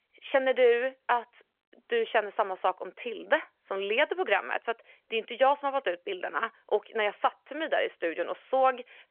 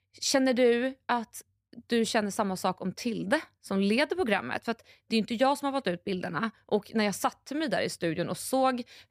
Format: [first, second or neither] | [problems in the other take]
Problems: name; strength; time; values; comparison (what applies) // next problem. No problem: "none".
second | phone-call audio; nothing above 3 kHz